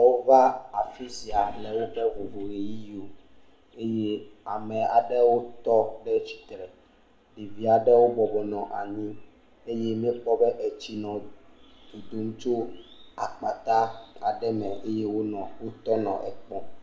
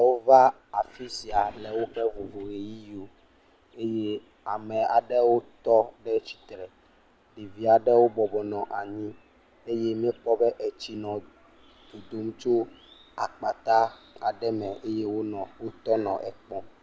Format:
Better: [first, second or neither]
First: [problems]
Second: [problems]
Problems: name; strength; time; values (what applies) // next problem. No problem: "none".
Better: second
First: room echo; dies away in 0.4 s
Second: none